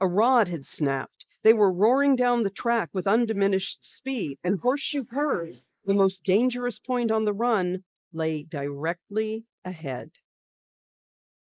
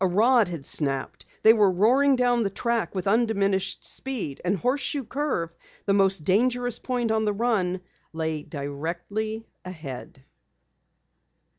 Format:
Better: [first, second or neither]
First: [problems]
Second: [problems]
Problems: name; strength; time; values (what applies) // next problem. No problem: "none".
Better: second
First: noise reduction (neural mask model Resemble Enhance denoiser)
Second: none